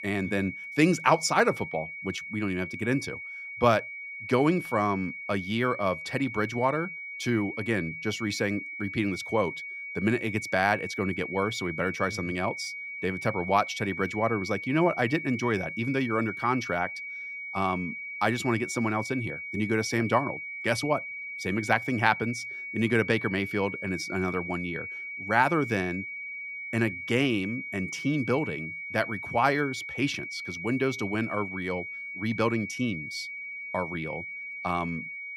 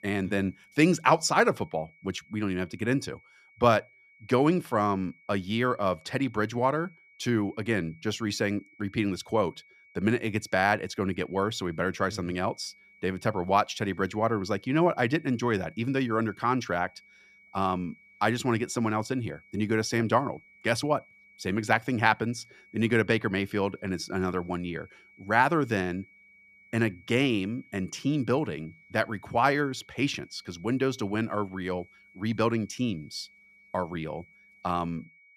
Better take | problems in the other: second | high-pitched whine; loud; throughout; 2.5 kHz, 7 dB below the speech; faint in the second

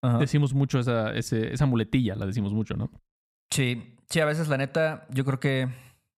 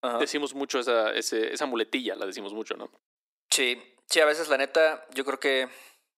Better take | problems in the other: first | thin; very; fading below 350 Hz

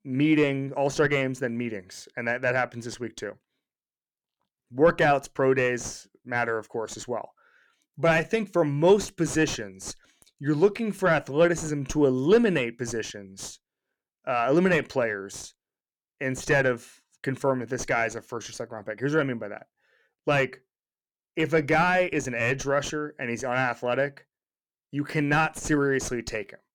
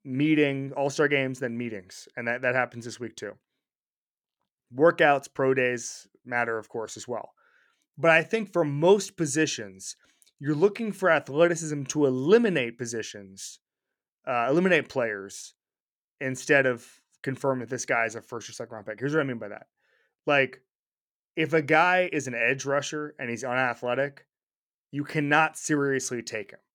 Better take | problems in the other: second | distortion; slight; 10 dB below the speech

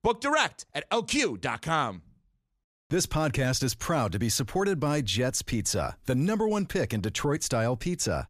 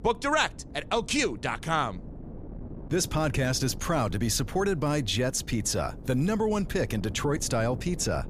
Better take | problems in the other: first | wind noise on the microphone; occasional gusts; 20 dB below the speech

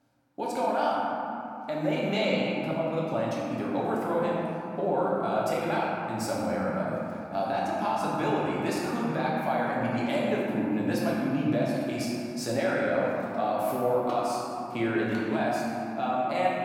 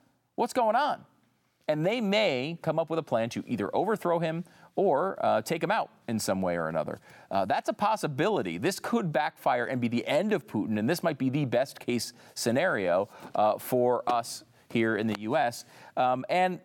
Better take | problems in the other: second | room echo; strong; dies away in 2.8 s // off-mic speech; far

